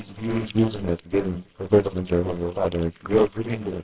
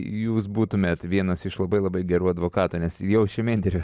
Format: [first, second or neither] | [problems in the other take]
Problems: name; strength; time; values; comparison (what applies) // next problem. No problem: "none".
second | noise reduction (neural separator model SepFormer WHAMR!)